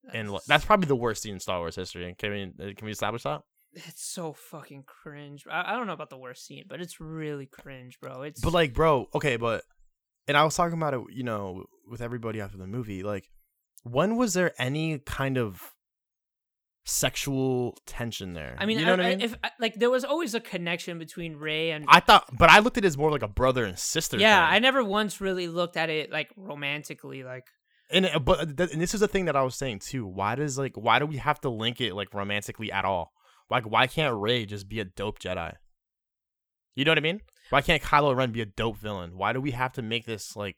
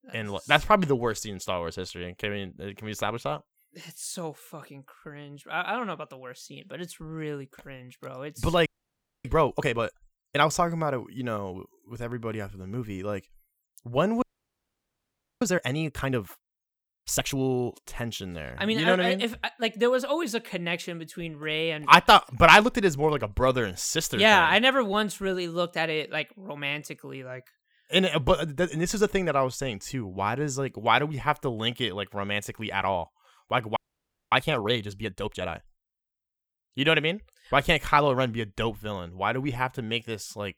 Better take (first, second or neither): first